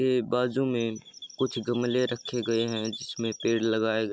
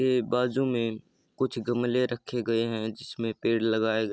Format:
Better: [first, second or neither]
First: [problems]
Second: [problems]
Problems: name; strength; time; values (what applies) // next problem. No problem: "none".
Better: second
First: background sound (Chirp, tweet); 15 dB below the speech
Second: none